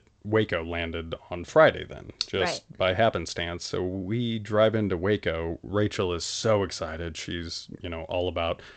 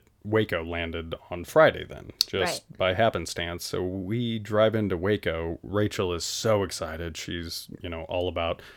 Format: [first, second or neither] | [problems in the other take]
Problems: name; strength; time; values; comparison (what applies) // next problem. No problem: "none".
second | garbled, watery; slightly; nothing above 8 kHz